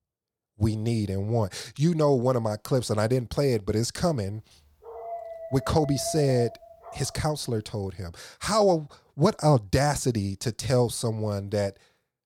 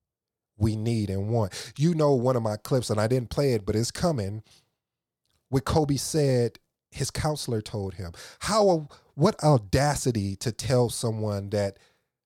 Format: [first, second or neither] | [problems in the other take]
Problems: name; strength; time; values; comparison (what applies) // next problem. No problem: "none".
second | dog barking; noticeable; from 5 to 7 s; peak 10 dB below the speech